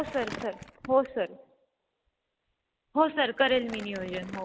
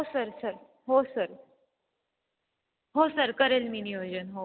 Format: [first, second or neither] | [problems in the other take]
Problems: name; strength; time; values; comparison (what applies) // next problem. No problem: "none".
second | background sound (Crumpling, crinkling); 16 dB below the speech